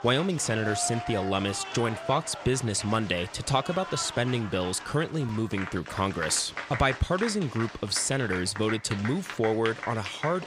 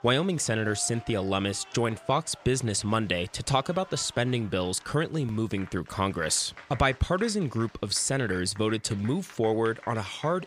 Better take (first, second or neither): second